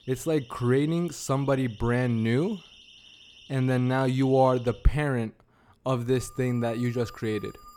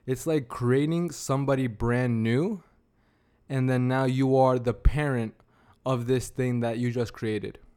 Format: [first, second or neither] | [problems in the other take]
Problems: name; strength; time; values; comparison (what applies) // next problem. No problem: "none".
second | alarms or sirens; faint; throughout; 25 dB below the speech